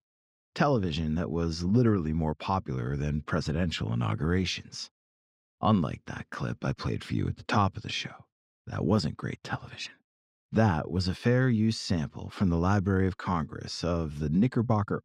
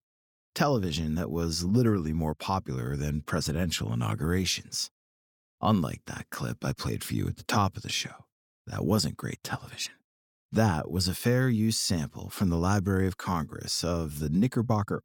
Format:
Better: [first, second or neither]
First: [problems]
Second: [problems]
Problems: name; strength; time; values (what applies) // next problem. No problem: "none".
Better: second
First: muffled; very slightly; fading above 3.5 kHz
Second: none